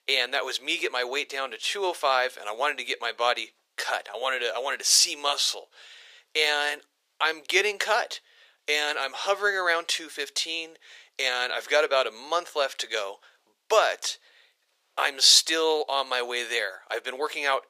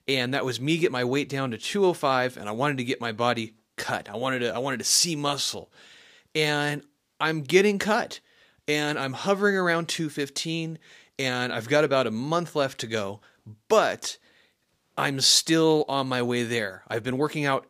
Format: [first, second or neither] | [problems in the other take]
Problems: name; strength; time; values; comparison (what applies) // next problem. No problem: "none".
second | thin; very; fading below 450 Hz